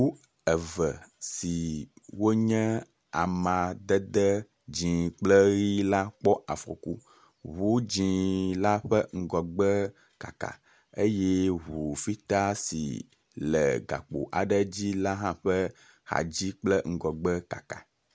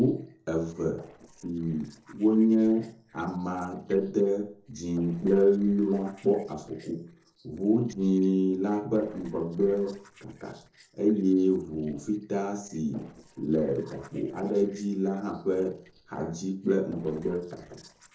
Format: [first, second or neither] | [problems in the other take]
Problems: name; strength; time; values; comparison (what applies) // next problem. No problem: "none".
first | noise reduction (neural separator model SepFormer DNS4)